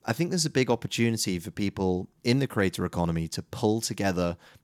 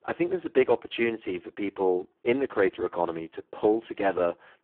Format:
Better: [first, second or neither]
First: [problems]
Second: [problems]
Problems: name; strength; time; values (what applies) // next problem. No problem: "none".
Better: first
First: none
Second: phone-call audio; poor line